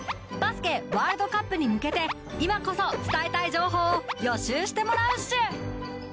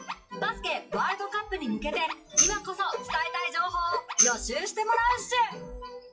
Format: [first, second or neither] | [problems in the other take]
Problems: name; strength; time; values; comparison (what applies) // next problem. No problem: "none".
first | noise reduction (classical method WPE with log-MMSE)